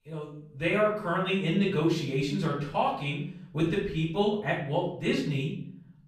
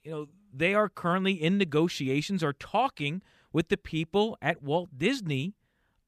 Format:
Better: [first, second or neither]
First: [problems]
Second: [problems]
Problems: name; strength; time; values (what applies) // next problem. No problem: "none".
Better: second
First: room echo; noticeable; dies away in 0.6 s // off-mic speech; far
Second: none